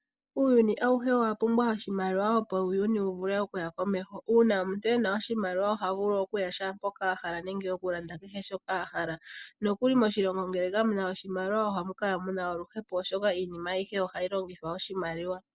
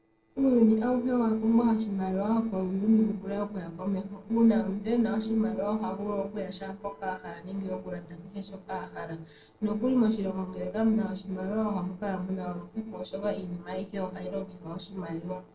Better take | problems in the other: first | noise reduction (neural separator model SepFormer DNS4)

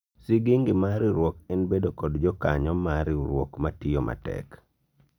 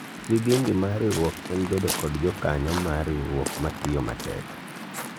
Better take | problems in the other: first | background sound (Waves, surf); 8 dB below the speech

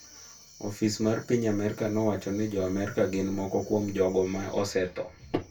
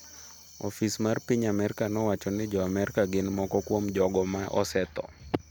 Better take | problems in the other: second | room echo; dies away in 0.2 s

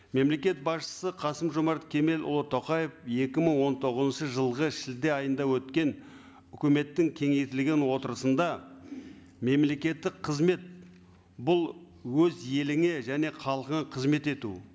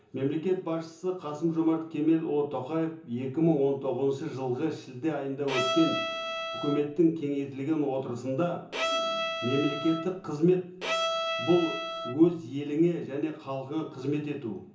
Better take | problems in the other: first | background sound (Bowed string instrument); 3 dB below the speech // room echo; dies away in 0.6 s

